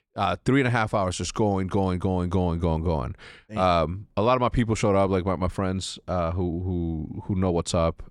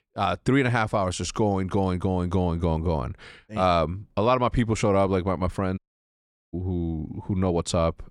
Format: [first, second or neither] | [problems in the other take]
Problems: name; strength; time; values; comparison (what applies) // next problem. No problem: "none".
first | audio cutting out; at 6 s for 1 s